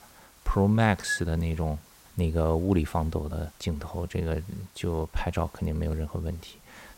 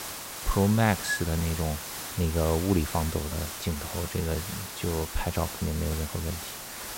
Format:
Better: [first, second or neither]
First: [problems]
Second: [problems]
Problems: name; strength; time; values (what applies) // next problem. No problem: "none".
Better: first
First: hiss; faint; throughout; 25 dB below the speech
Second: hiss; loud; throughout; 6 dB below the speech